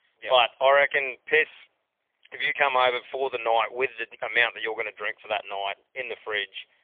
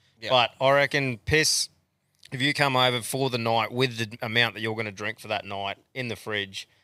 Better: second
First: phone-call audio; poor line; nothing above 3.5 kHz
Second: none

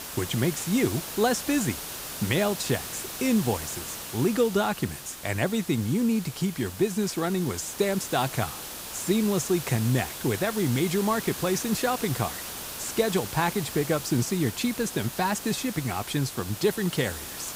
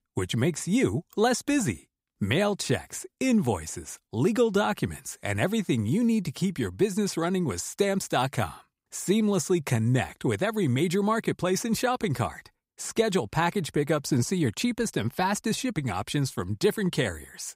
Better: second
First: hiss; loud; throughout; 8 dB below the speech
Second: none

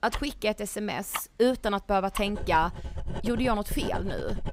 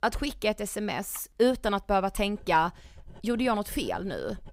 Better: second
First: household noises; loud; throughout; 9 dB below the speech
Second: household noises; faint; throughout; 25 dB below the speech

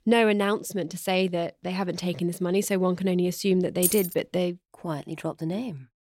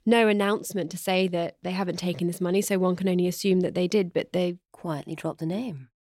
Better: second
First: jangling keys; loud; at 4 s; peak 1 dB above the speech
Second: none

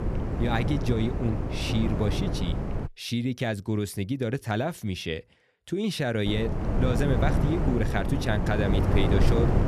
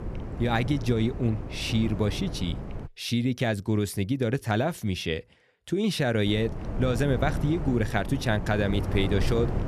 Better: second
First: wind noise on the microphone; heavy; until 3 s and from 6.5 s on; 2 dB below the speech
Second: wind noise on the microphone; occasional gusts; until 3 s and from 6.5 s on; 10 dB below the speech

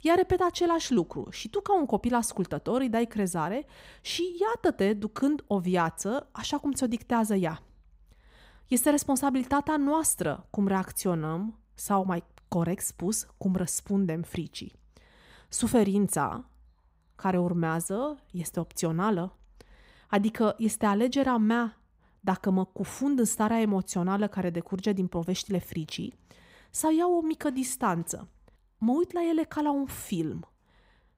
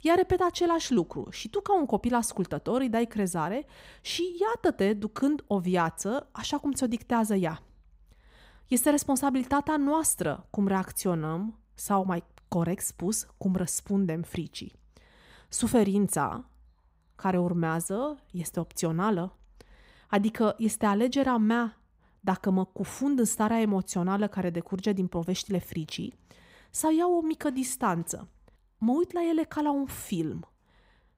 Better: neither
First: none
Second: none

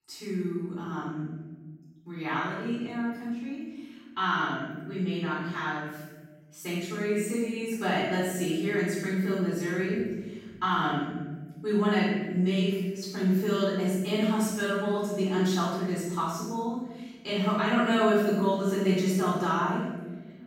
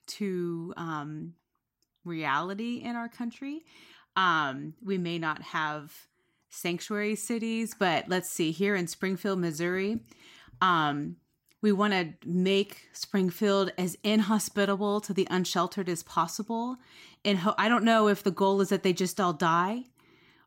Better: second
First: off-mic speech; far // room echo; strong; dies away in 1.3 s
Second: none

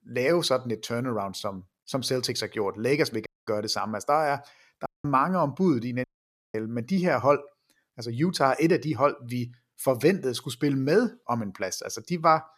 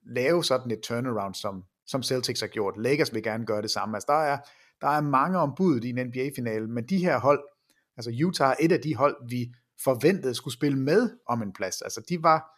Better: second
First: audio cutting out; at 3.5 s, at 5 s and at 6 s for 0.5 s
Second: none

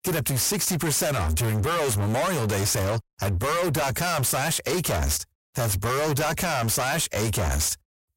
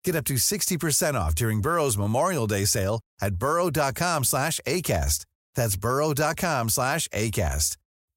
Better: second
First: distortion; heavy; 39% of the sound clipped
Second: none

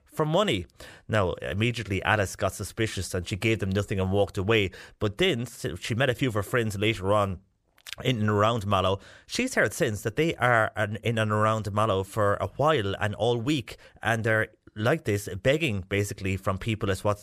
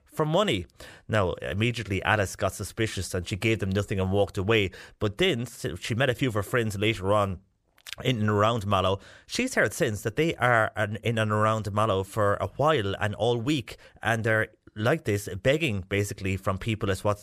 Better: neither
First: none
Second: none

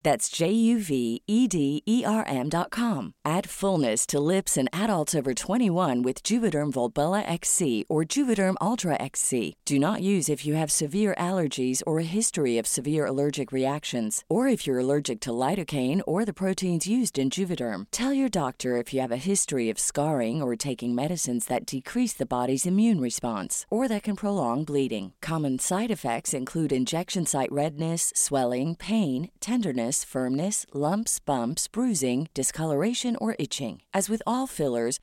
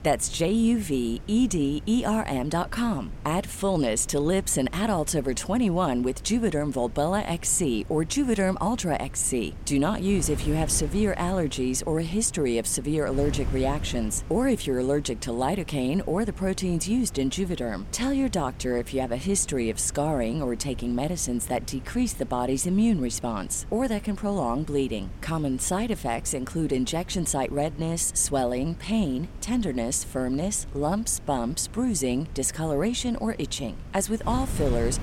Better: first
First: none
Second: wind noise on the microphone; occasional gusts; 20 dB below the speech

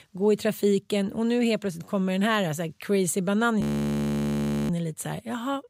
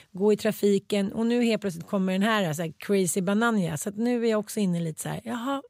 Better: second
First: audio freezing; at 3.5 s for 1 s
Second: none

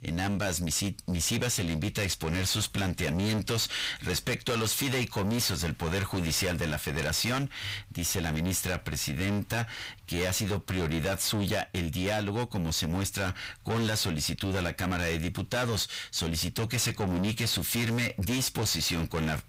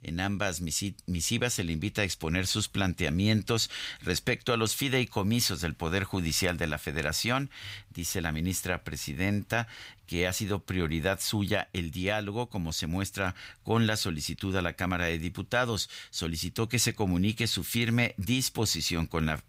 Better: second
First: distortion; heavy; 5 dB below the speech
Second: none

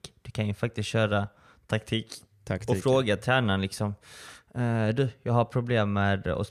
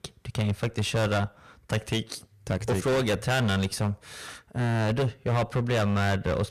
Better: first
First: none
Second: distortion; heavy; 19% of the sound clipped

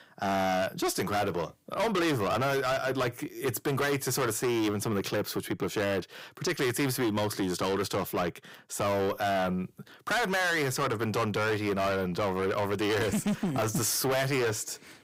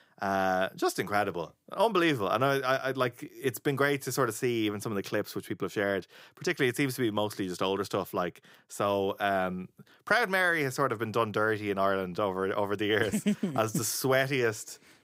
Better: second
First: distortion; heavy; 6 dB below the speech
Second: none

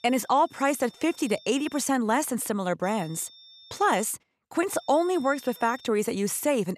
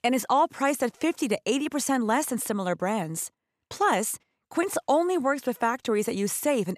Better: second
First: high-pitched whine; faint; until 2 s, from 3 to 4 s and from 4.5 to 6 s; 3.5 kHz, 25 dB below the speech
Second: none

